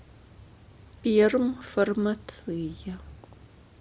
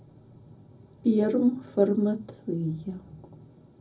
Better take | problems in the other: first | room echo; dies away in 0.4 s

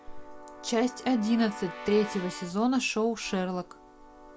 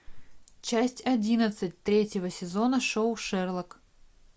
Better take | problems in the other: second | background sound (Keyboard (musical) / Brass instrument); 15 dB below the speech

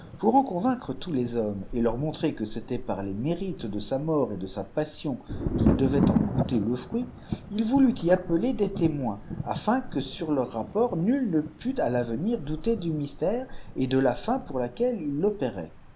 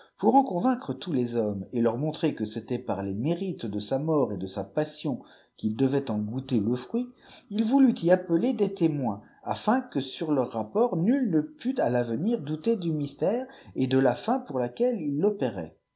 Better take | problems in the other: second | background sound (Thunder); 7 dB below the speech

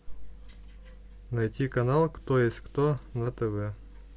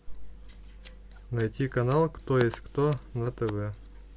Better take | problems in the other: first | background sound (Scissors); 20 dB below the speech

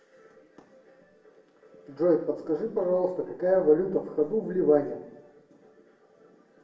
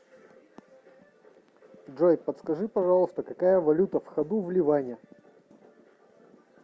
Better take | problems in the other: second | room echo; dies away in 0.7 s

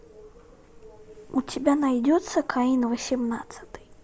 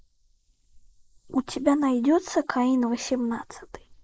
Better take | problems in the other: first | noise reduction (neural mask model Resemble Enhance denoiser)

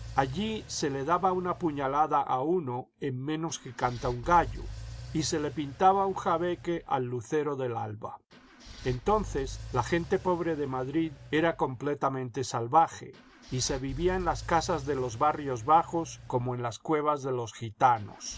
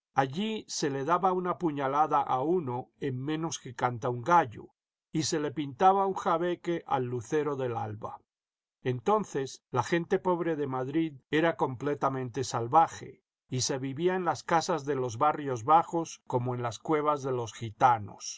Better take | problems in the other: second | background sound (Engine / Car); 15 dB below the speech

